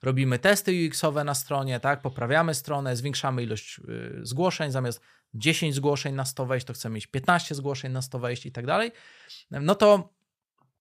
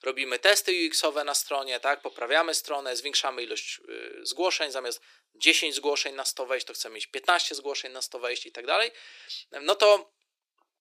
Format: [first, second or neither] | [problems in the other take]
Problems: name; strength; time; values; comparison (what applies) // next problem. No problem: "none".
first | thin; very; fading below 300 Hz